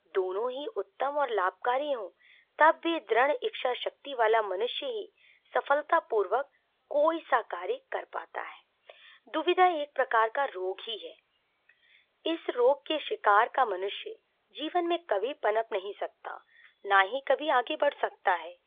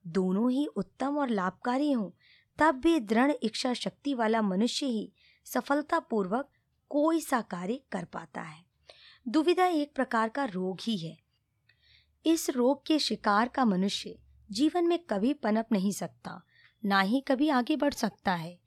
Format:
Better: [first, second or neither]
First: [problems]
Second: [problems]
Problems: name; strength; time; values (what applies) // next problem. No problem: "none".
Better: second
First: phone-call audio; nothing above 3.5 kHz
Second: none